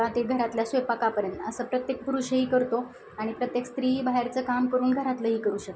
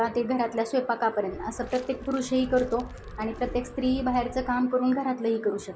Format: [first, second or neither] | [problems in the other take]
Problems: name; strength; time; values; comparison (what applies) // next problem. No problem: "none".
first | background sound (Walk, footsteps); 15 dB below the speech